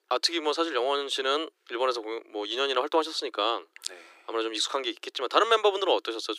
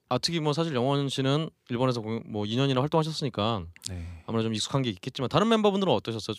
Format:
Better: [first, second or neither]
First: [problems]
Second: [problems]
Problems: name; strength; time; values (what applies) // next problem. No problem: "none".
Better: second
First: thin; very; fading below 300 Hz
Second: none